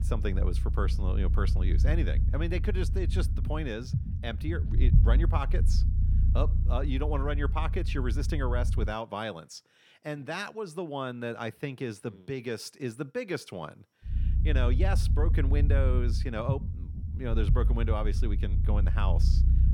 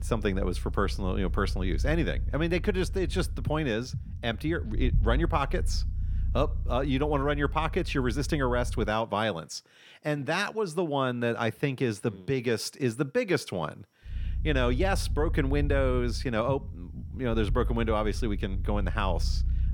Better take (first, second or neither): second